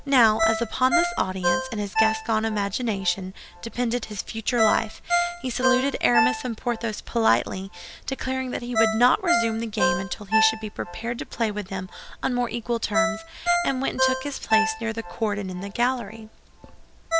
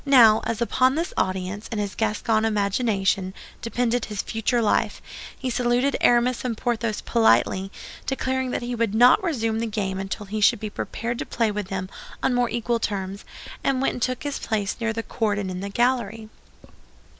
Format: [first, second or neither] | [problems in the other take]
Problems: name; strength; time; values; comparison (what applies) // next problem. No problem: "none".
second | background sound (Ringtone); 3 dB below the speech